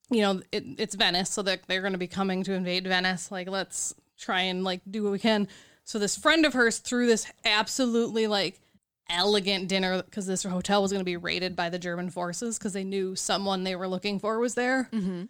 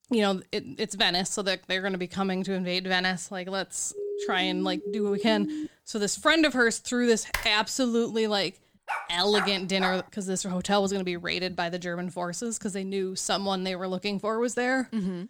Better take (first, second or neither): first